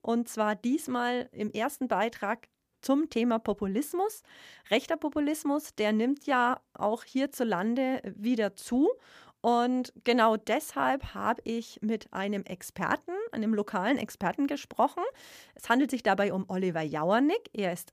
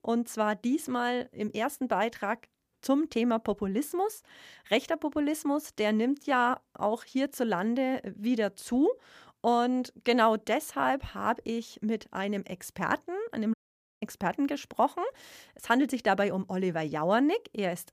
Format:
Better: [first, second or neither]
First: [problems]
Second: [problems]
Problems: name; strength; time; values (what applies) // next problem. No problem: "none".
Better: first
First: none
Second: audio cutting out; at 14 s